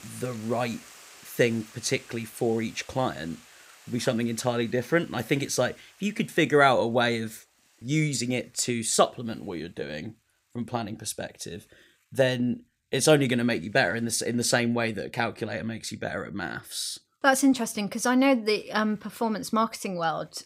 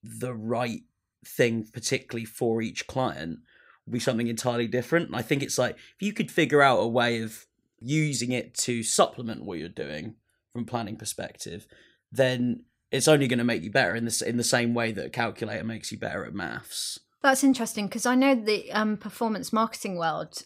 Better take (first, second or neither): second